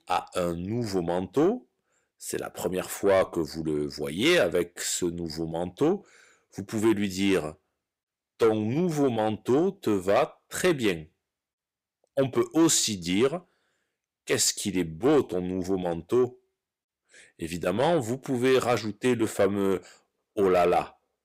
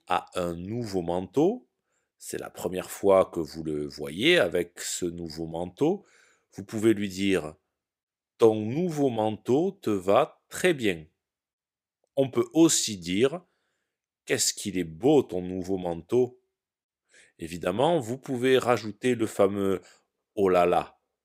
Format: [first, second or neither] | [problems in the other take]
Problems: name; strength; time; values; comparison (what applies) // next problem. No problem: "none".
second | distortion; slight; 10 dB below the speech